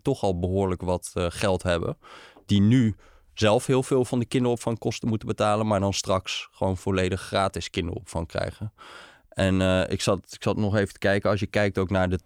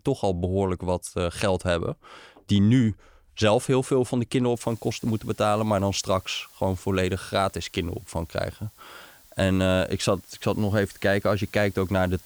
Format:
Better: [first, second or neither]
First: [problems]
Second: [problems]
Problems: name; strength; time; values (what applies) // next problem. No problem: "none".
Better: first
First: none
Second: hiss; faint; from 4.5 s on; 25 dB below the speech